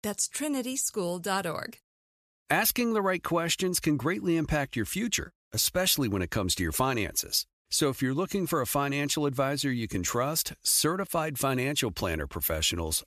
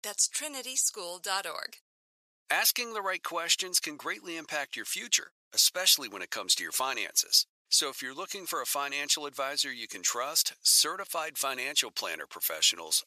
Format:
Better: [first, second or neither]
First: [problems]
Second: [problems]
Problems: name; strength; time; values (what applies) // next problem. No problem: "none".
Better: first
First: none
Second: thin; very; fading below 650 Hz